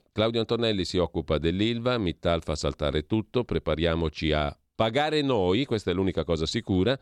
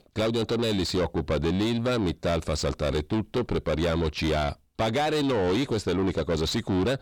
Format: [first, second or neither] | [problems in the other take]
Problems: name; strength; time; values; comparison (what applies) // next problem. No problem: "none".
first | distortion; heavy; 7 dB below the speech